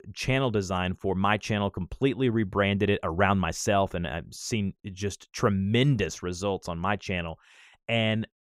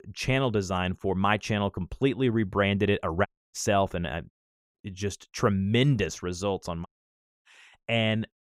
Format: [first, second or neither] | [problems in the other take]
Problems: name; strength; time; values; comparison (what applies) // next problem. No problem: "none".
first | audio cutting out; at 3.5 s, at 4.5 s and at 7 s for 0.5 s